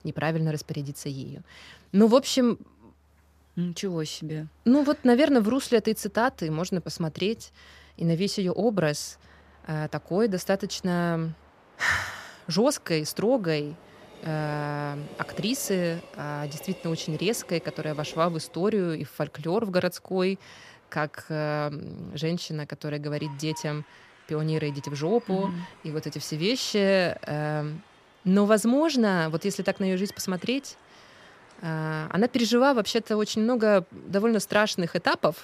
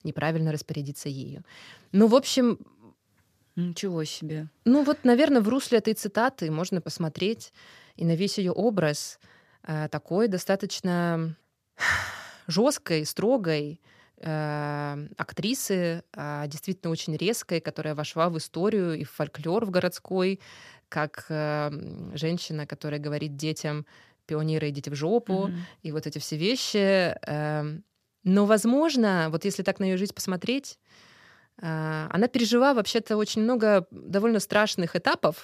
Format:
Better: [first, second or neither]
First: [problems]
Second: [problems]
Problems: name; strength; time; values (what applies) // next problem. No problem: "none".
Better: second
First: train or aircraft noise; faint; throughout; 25 dB below the speech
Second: none